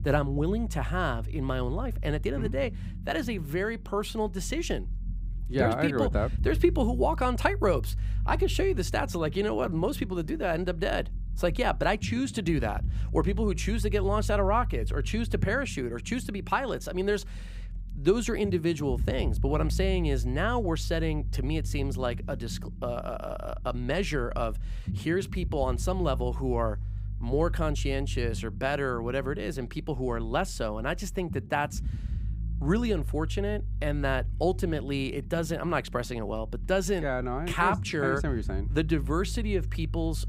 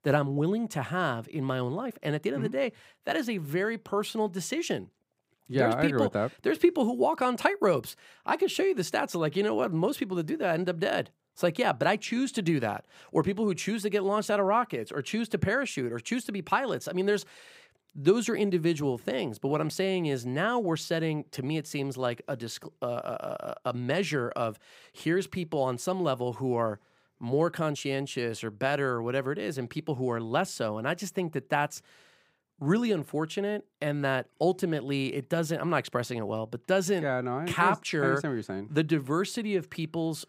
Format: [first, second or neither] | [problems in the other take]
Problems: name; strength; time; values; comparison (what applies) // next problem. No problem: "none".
second | low rumble; faint; throughout; 20 dB below the speech